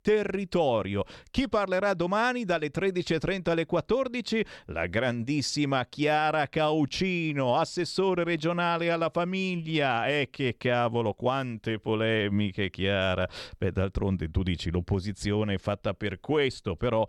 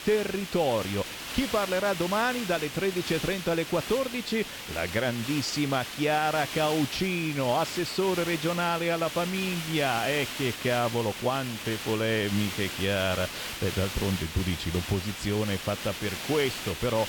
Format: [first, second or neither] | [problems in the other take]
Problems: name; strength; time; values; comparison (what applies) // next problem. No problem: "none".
first | hiss; loud; throughout; 6 dB below the speech